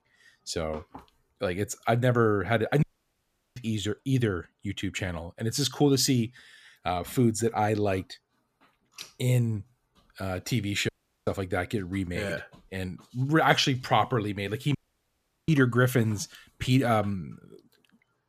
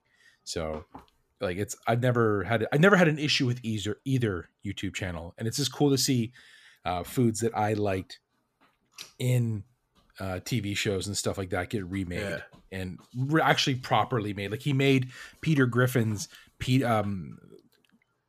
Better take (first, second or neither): second